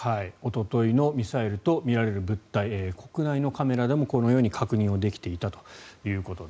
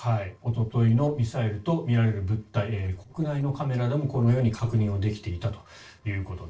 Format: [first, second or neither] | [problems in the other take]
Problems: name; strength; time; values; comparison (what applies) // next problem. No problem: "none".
first | noise reduction (neural separator model SepFormer DNS4)